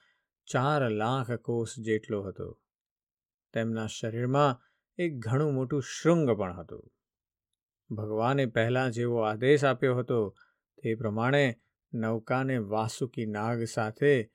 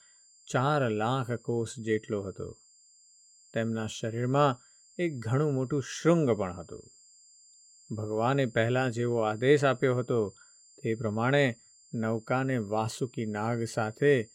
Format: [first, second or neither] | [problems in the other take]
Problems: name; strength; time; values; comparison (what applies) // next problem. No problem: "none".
first | high-pitched whine; faint; throughout; 7.5 kHz, 25 dB below the speech